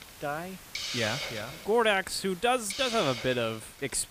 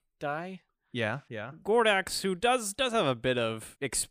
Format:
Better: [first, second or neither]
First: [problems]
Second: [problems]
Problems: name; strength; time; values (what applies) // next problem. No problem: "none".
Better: second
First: hiss; loud; throughout; 7 dB below the speech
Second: none